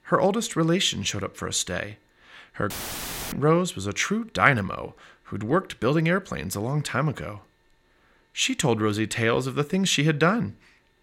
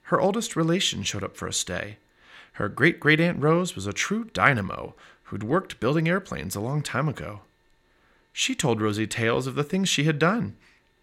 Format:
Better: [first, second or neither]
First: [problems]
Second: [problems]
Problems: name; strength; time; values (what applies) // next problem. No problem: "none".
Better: second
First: audio cutting out; filled with static; at 2.5 s for 0.5 s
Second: none